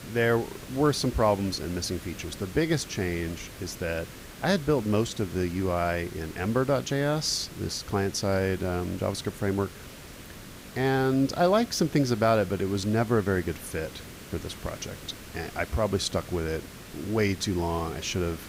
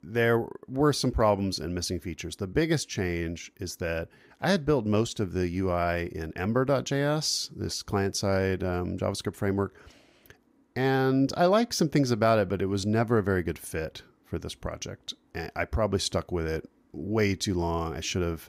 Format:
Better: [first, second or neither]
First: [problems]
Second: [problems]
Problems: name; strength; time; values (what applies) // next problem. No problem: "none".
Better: second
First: hiss; noticeable; throughout; 15 dB below the speech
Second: none